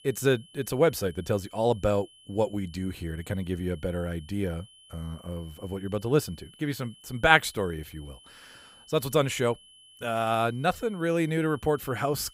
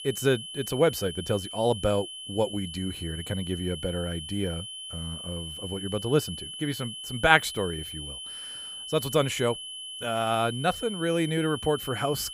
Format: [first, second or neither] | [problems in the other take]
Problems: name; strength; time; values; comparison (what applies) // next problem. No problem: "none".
first | high-pitched whine; loud; throughout; 3 kHz, 8 dB below the speech; faint in the first